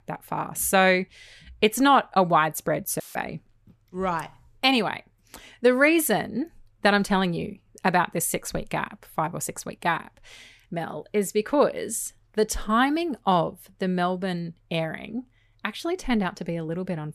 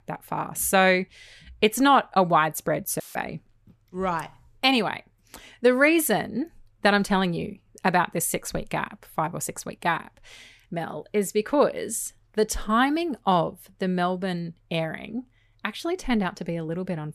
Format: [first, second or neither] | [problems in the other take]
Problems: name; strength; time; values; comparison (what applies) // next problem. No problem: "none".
neither | audio cutting out; filled with static; at 3 s; the same in both